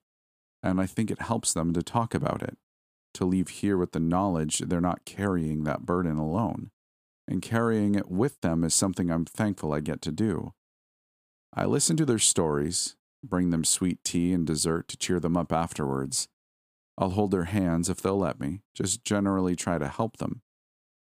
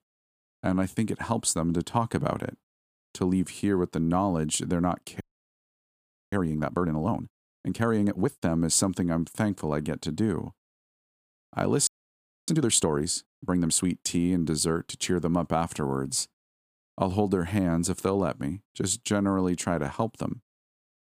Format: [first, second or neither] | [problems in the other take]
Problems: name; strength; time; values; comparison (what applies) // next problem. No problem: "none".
first | audio freezing; at 5 s for 1 s and at 12 s for 0.5 s